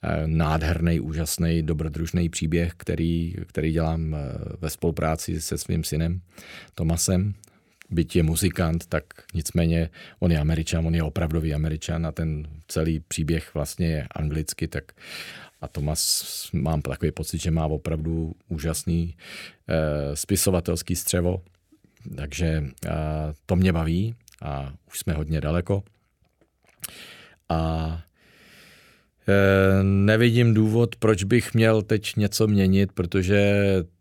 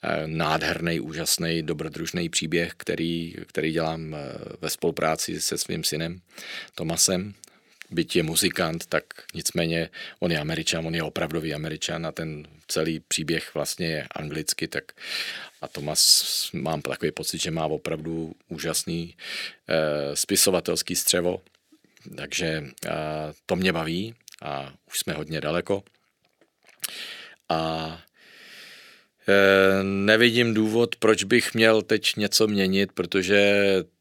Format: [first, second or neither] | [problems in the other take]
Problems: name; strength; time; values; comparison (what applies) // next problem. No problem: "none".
first | thin; somewhat; fading below 250 Hz